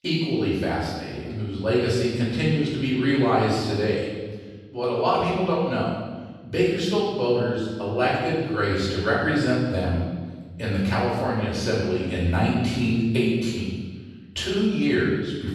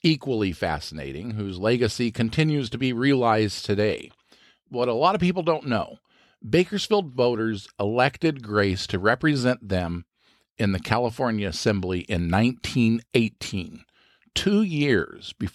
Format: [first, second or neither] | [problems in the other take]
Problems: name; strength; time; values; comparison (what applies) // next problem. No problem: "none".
second | off-mic speech; far // room echo; strong; dies away in 1.3 s